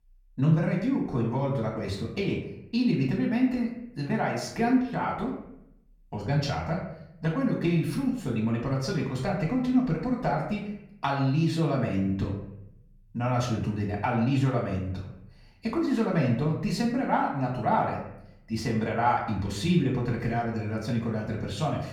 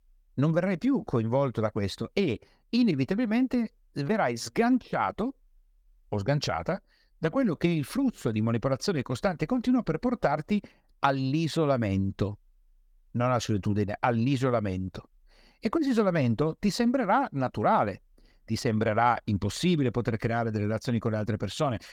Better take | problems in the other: second | off-mic speech; far // room echo; slight; dies away in 0.6 s

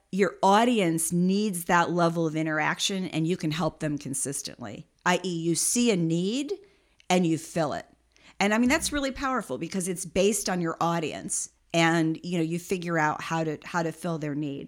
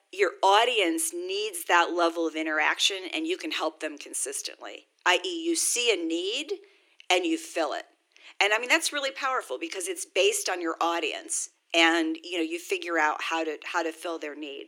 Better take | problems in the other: first | thin; very; fading below 300 Hz

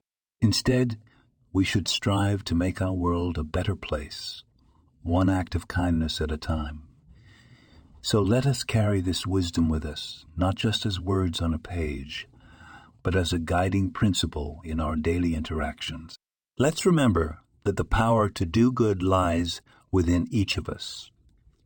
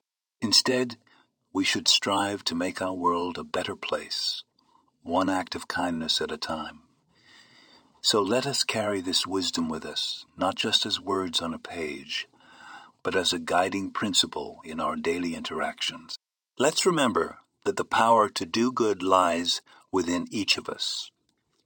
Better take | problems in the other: first | thin; somewhat; fading below 350 Hz

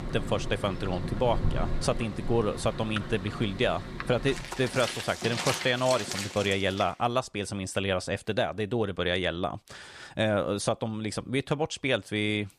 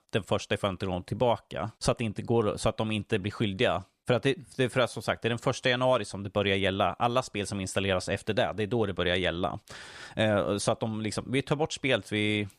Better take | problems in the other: second | rain or running water; loud; until 6.5 s; 7 dB below the speech

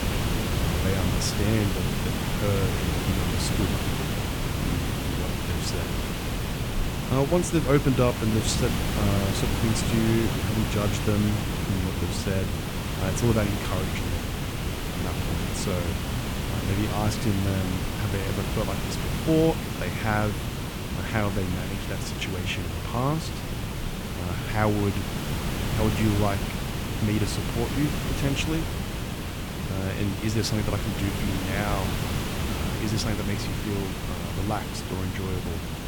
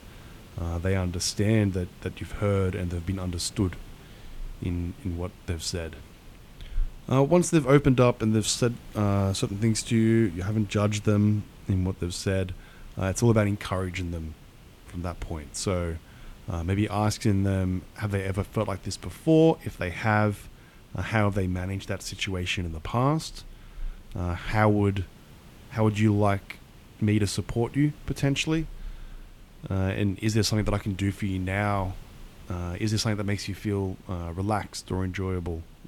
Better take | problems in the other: second | hiss; loud; throughout; as loud as the speech; faint in the second

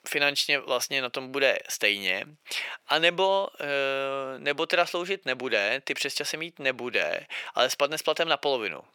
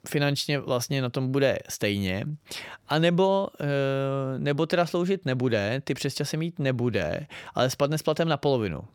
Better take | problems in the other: second | thin; very; fading below 500 Hz

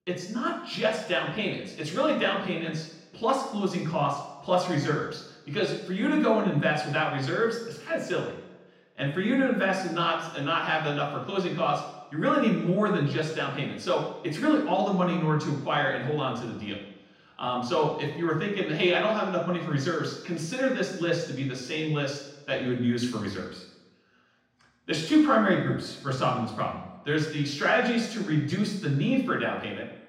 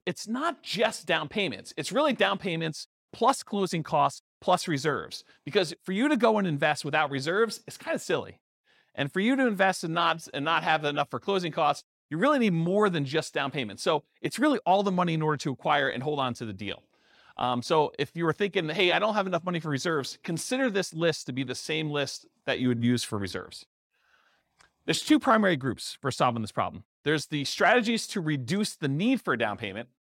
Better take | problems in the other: second | room echo; noticeable; dies away in 0.9 s // off-mic speech; far

